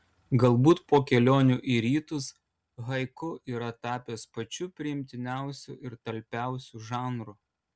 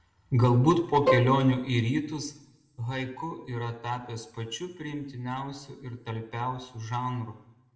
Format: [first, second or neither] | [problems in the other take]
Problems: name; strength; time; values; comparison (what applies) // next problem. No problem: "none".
first | background sound (Bowed string instrument); as loud as the speech // room echo; dies away in 0.7 s